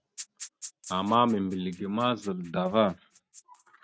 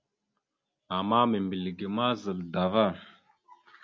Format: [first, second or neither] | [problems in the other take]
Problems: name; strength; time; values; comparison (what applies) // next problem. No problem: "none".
second | noise reduction (neural mask model RNNoise)